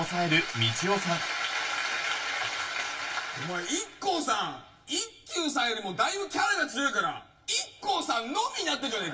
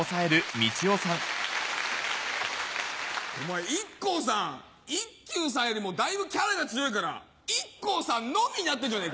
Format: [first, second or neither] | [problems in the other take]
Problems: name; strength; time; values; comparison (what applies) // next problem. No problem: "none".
second | room echo; dies away in 0.1 s